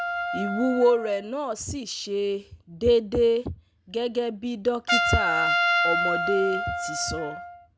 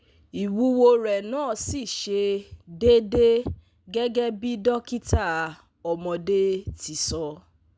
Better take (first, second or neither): second